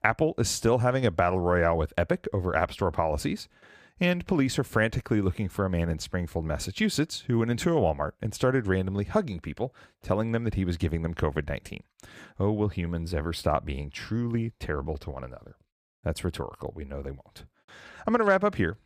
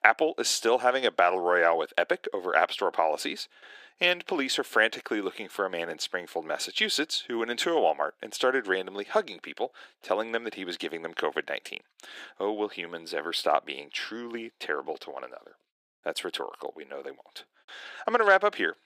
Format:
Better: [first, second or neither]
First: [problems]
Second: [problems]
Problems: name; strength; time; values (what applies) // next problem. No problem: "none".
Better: first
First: none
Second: thin; very; fading below 350 Hz